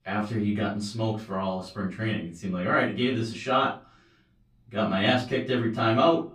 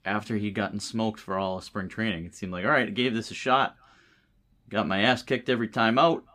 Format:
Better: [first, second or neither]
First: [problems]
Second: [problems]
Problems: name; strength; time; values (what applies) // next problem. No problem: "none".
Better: second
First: off-mic speech; far // room echo; slight; dies away in 0.3 s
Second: none